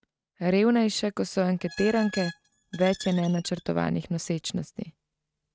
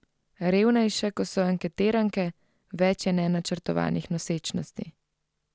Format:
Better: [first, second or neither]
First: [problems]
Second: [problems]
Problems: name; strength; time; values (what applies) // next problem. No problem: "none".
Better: second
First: noise reduction (neural mask model RNNoise)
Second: none